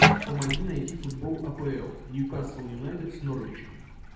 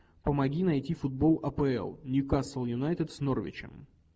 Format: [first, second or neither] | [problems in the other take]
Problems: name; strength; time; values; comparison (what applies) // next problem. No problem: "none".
second | background sound (Bathtub (filling or washing)); 3 dB above the speech // room echo; dies away in 0.9 s